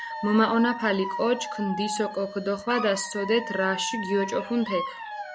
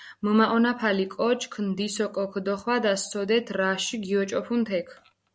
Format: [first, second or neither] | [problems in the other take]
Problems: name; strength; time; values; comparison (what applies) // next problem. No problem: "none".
second | background sound (Alarm / Dog); 8 dB below the speech